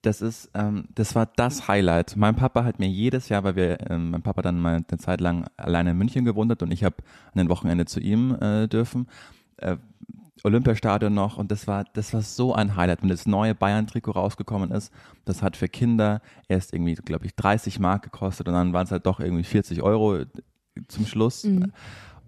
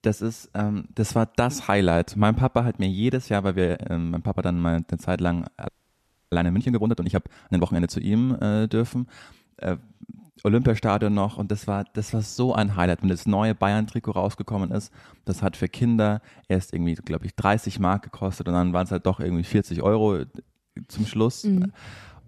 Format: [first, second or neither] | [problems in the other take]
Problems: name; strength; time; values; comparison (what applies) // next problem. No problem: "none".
first | audio freezing; at 5.5 s for 0.5 s